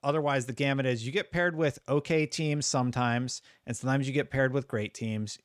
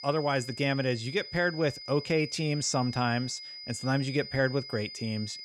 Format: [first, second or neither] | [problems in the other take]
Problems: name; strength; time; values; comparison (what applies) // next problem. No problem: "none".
first | high-pitched whine; noticeable; throughout; 5 kHz, 10 dB below the speech